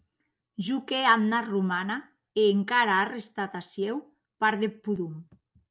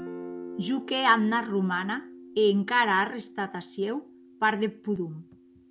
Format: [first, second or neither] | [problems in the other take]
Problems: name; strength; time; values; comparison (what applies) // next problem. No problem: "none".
first | background sound (Guitar); 16 dB below the speech